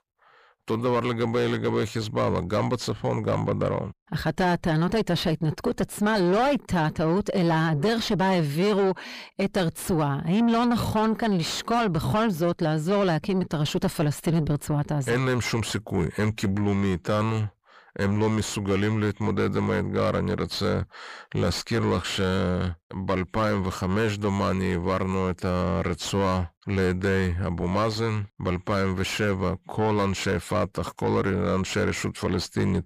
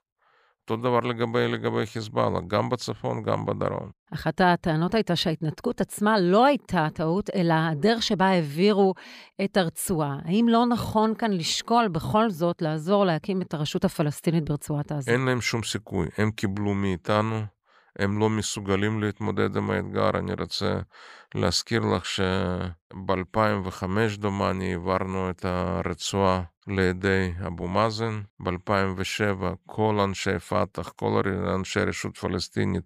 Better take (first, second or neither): second